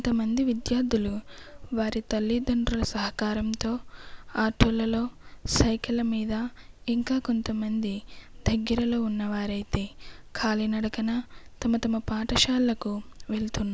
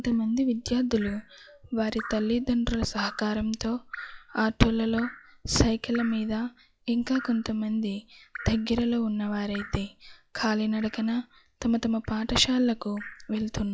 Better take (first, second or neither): first